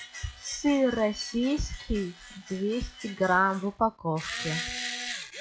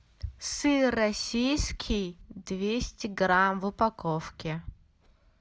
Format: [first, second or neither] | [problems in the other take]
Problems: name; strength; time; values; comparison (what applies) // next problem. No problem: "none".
second | noise reduction (classical method log-MMSE)